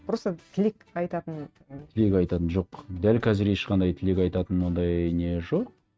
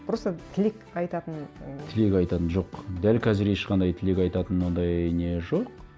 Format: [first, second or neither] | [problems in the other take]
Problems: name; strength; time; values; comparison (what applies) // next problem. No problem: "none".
second | noise reduction (neural mask model RNNoise)